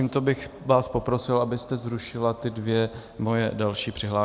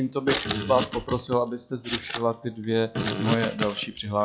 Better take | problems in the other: first | noise reduction (classical method log-MMSE)

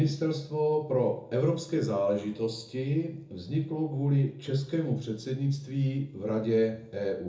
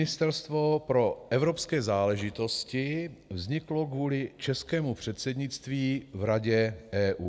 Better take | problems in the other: second | room echo; dies away in 0.6 s

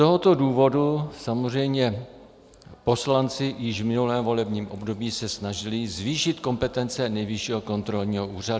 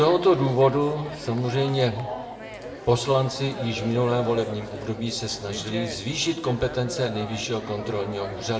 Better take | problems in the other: first | background sound (Chatter); 11 dB below the speech // room echo; dies away in 0.6 s

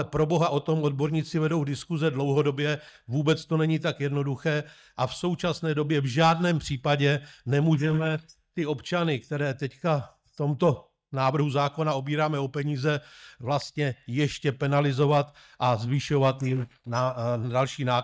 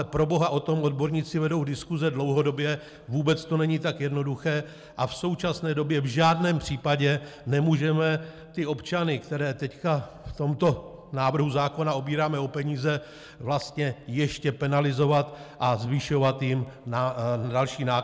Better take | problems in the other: second | noise reduction (neural mask model DeepFilterNet 3)

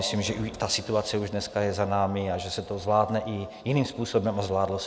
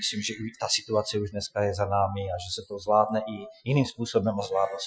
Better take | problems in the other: first | noise reduction (classical method Wiener filter)

